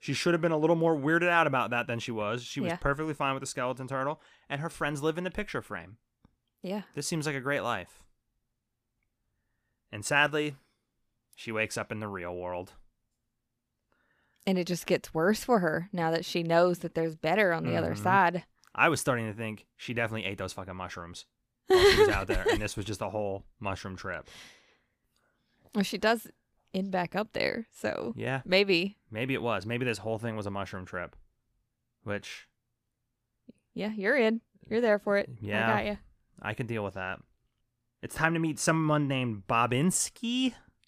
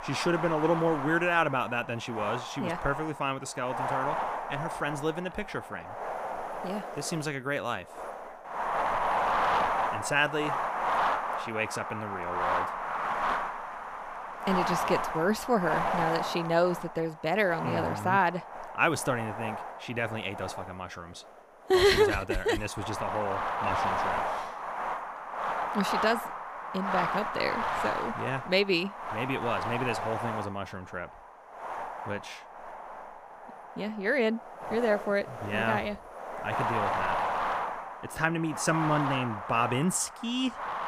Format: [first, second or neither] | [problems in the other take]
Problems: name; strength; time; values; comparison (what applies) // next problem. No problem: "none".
first | wind noise on the microphone; heavy; 1 dB below the speech